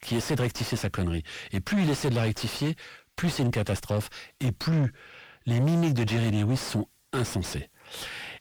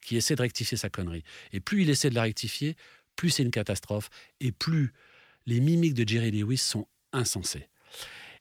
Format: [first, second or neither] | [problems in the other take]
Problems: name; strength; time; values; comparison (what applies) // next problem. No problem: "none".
second | distortion; heavy; 6 dB below the speech